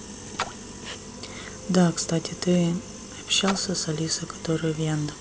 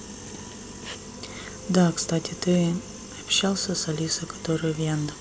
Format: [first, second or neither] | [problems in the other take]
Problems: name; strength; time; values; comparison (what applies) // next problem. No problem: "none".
second | background sound (Splash, splatter); 13 dB below the speech